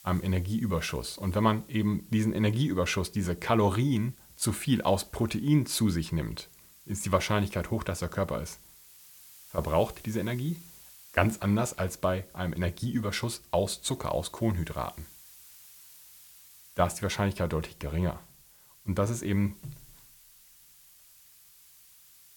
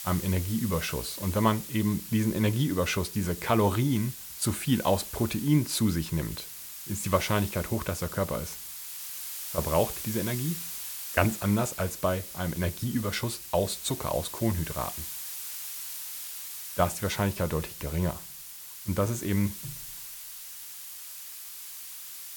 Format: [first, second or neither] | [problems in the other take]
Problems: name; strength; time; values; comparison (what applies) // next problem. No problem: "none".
first | hiss; loud; throughout; 8 dB below the speech; faint in the first